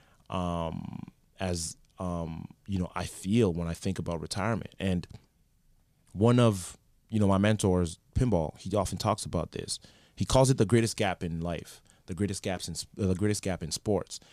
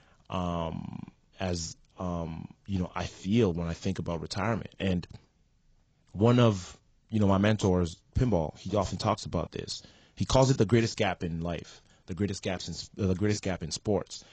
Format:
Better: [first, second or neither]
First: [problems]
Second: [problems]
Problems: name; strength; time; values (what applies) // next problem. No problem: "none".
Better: first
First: none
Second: garbled, watery; badly; nothing above 7.5 kHz